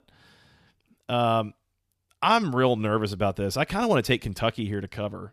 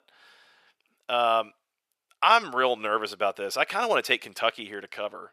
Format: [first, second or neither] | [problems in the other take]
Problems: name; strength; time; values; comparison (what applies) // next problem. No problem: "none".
first | thin; very; fading below 550 Hz